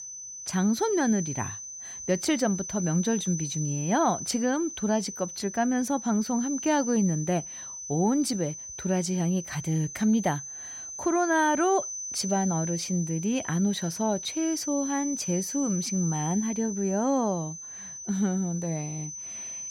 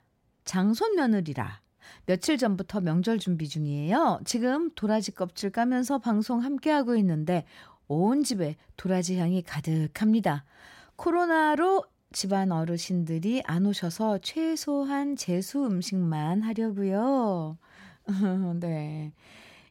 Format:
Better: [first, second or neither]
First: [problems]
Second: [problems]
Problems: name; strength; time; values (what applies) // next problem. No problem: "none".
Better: second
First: high-pitched whine; loud; throughout; 6 kHz, 7 dB below the speech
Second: none